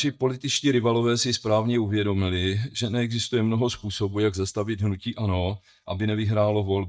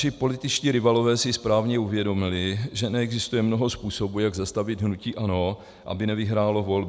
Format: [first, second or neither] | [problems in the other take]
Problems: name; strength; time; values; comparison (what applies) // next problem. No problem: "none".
second | noise reduction (neural mask model DeepFilterNet 3)